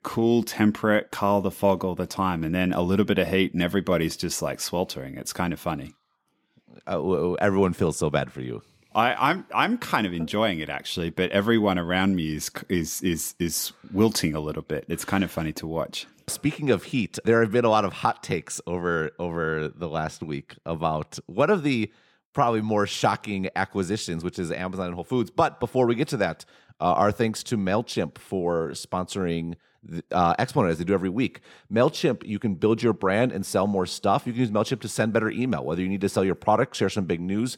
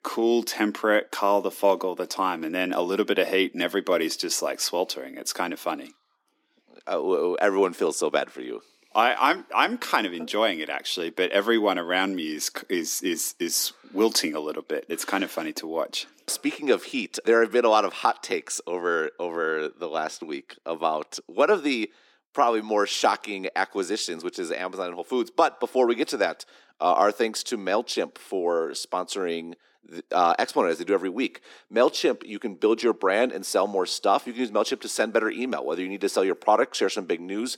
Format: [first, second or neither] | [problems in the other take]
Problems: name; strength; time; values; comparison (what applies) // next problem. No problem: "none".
first | thin; somewhat; fading below 300 Hz